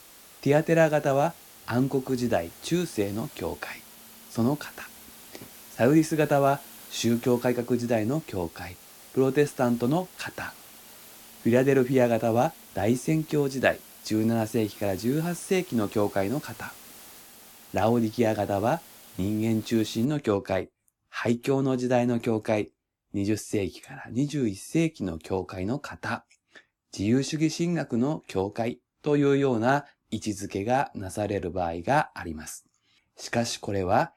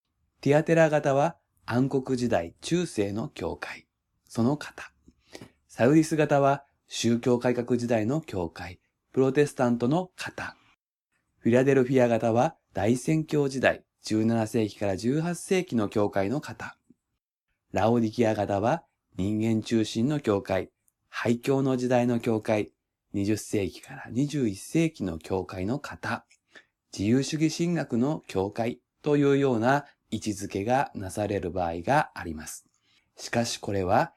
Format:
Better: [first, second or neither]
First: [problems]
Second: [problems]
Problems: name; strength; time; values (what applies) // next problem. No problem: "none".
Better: second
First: hiss; noticeable; until 20 s; 20 dB below the speech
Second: none